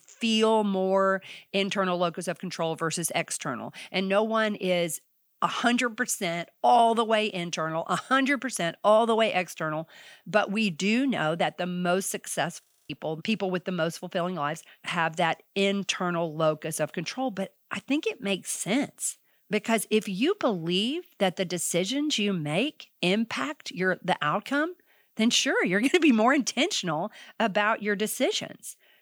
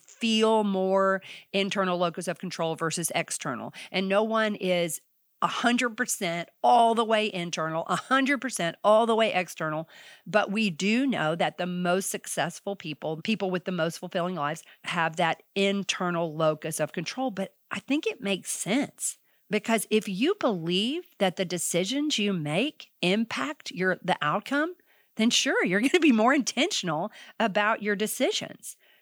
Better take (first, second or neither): second